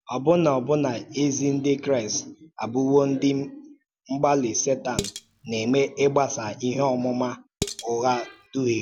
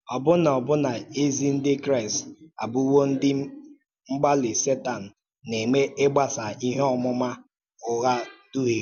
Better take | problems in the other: second | background sound (Dishes, pots, and pans); 11 dB below the speech

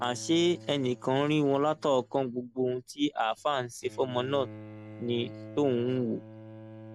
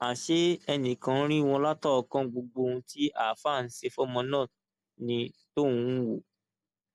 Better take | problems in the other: second | background sound (Bowed string instrument); 17 dB below the speech

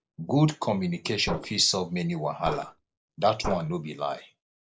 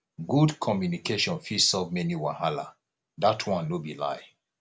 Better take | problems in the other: second | noise reduction (neural mask model Resemble Enhance denoiser)

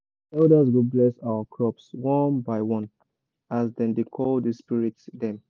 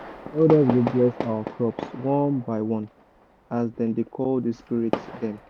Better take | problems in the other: first | background sound (Fireworks); 11 dB below the speech

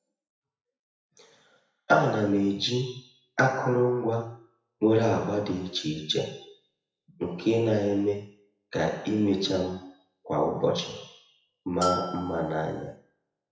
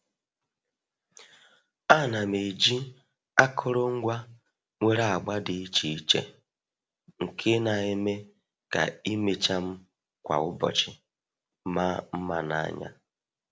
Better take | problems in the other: second | noise reduction (classical method WPE with log-MMSE)

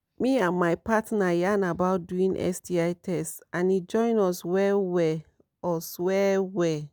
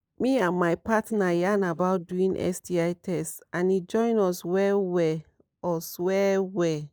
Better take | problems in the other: first | noise reduction (neural mask model Resemble Enhance denoiser)

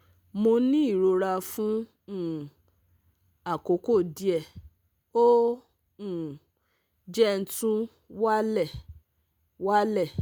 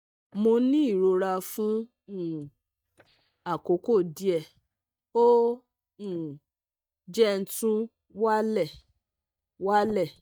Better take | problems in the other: first | noise reduction (neural mask model DeepFilterNet 3)

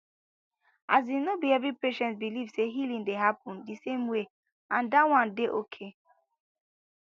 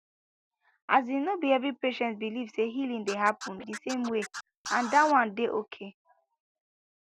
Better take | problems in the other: first | background sound (Scratching (performance technique)); 11 dB below the speech

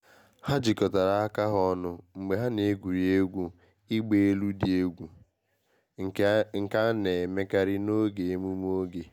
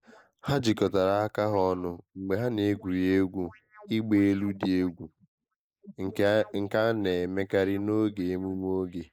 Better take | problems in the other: first | noise reduction (neural mask model Resemble Enhance denoiser)

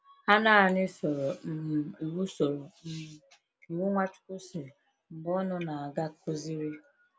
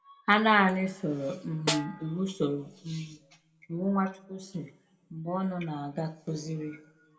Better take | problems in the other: first | background sound (Snare drum); 6 dB below the speech // room echo; dies away in 0.6 s

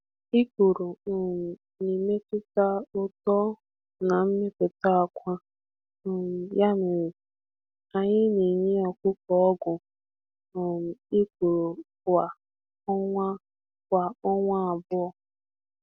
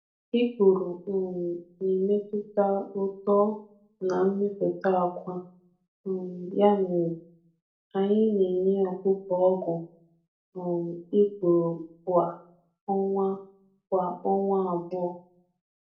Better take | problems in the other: first | room echo; dies away in 0.4 s

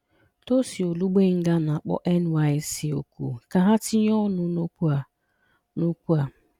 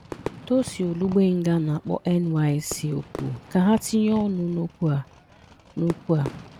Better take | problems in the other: first | background sound (Fireworks); 16 dB below the speech

